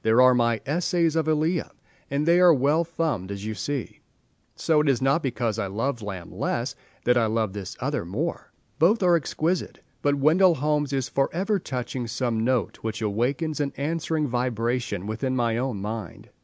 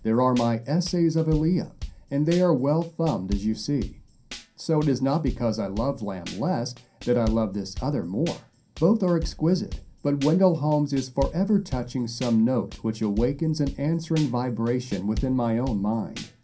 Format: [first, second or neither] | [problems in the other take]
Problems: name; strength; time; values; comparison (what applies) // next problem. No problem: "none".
first | background sound (Tambourine / Drum / Drum kit); 13 dB below the speech // room echo; dies away in 0.3 s